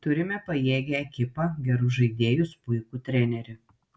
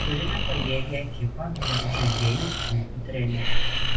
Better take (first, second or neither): first